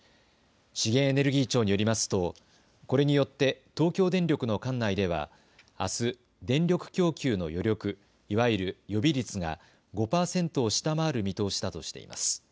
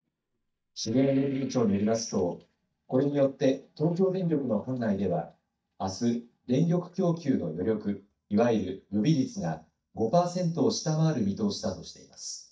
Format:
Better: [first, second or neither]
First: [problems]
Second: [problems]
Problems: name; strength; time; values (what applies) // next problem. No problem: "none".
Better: first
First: none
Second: noise reduction (neural mask model DeepFilterNet 3)